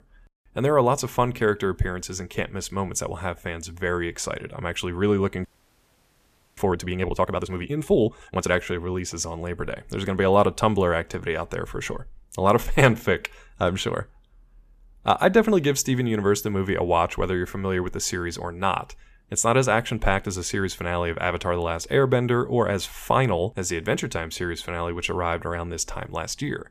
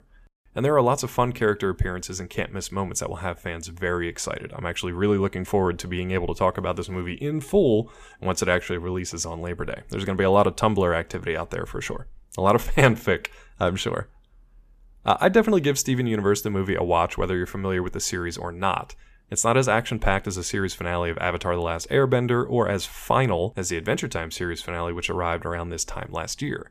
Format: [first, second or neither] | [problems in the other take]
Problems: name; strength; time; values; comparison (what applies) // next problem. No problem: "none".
second | audio freezing; at 5.5 s for 1 s